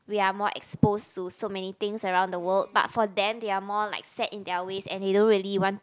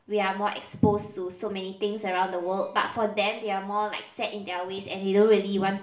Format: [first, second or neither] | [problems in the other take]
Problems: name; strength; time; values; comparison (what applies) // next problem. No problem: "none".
first | room echo; dies away in 0.5 s